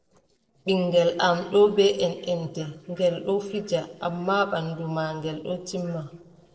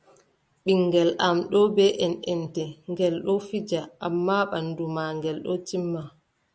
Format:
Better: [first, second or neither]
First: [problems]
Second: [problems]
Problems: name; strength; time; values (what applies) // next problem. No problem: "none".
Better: second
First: noise reduction (neural separator model SepFormer DNS4)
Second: none